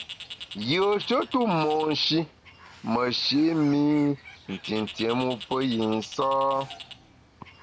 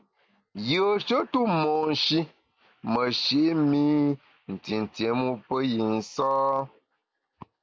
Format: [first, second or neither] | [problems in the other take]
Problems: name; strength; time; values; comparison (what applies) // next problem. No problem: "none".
second | background sound (Bird); 17 dB below the speech